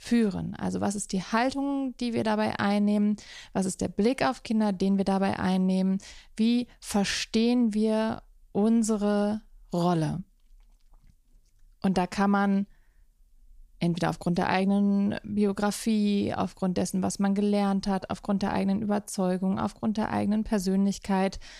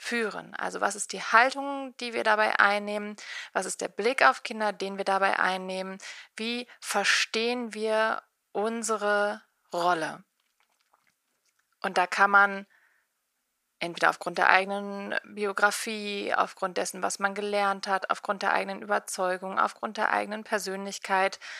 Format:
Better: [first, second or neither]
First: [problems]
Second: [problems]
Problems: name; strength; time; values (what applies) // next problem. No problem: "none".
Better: first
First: none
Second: thin; very; fading below 550 Hz